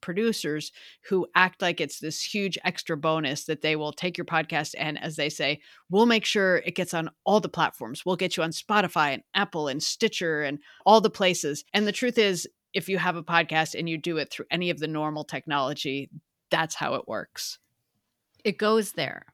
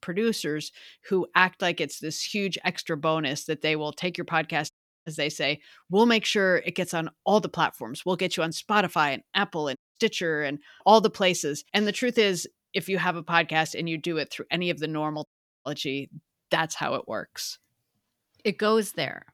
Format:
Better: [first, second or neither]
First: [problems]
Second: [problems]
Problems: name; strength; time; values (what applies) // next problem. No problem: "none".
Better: first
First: none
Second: audio cutting out; at 4.5 s, at 10 s and at 15 s